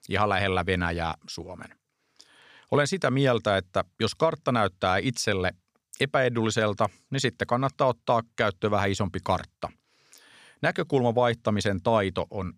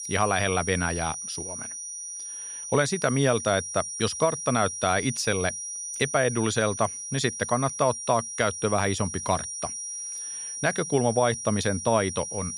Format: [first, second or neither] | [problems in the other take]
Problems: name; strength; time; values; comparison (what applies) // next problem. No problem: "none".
first | high-pitched whine; loud; throughout; 5.5 kHz, 7 dB below the speech